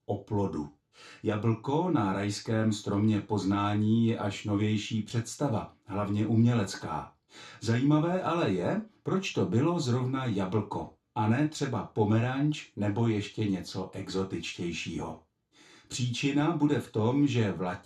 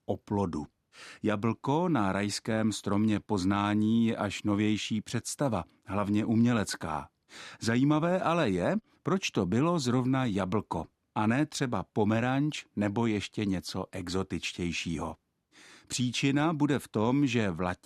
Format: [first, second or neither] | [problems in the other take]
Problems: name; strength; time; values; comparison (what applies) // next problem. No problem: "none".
second | room echo; very slight; dies away in 0.3 s // off-mic speech; somewhat distant